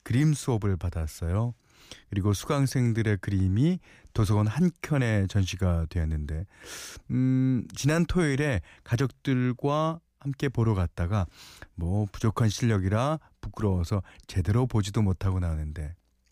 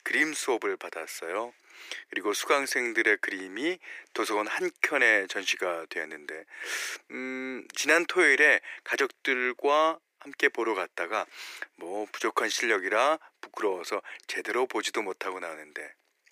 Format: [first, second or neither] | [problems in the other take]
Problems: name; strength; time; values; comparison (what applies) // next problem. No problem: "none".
first | thin; very; fading below 350 Hz